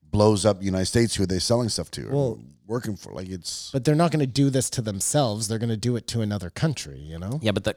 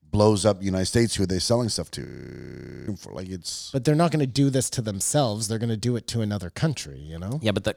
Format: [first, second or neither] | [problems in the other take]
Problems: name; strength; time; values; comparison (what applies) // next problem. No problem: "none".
first | audio freezing; at 2 s for 1 s